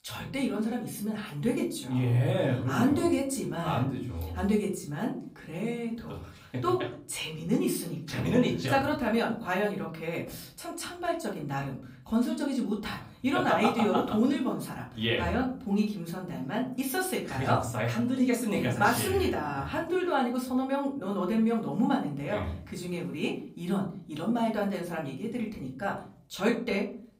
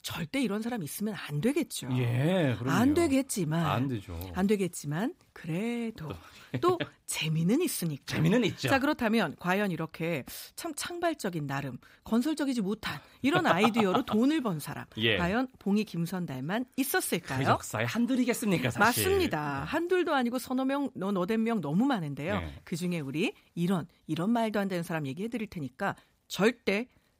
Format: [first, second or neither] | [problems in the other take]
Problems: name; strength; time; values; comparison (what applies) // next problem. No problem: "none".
second | off-mic speech; far // room echo; slight; dies away in 0.4 s